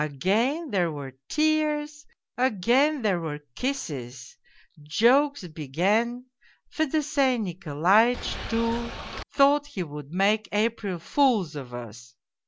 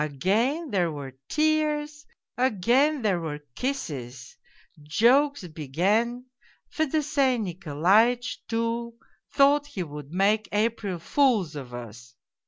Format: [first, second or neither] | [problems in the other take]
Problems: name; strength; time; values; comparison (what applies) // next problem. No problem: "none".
second | background sound (Boat, Water vehicle); 8 dB below the speech